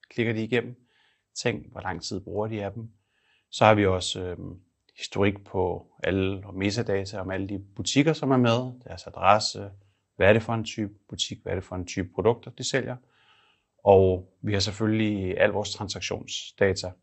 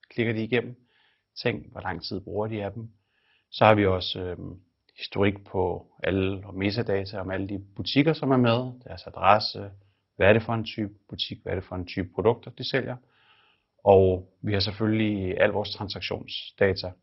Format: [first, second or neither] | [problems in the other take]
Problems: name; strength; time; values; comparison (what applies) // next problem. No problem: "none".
first | garbled, watery; badly; nothing above 5.5 kHz; slightly in the first